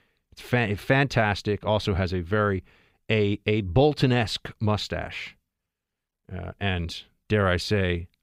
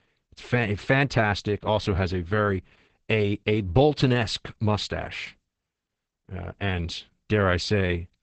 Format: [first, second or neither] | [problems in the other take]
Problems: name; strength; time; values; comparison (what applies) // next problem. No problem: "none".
first | garbled, watery; badly; nothing above 8 kHz